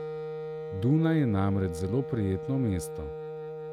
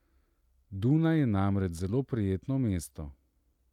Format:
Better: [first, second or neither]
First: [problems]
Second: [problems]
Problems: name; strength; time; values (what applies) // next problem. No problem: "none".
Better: second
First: background sound (Wind instrument, woodwind instrument); 8 dB below the speech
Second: none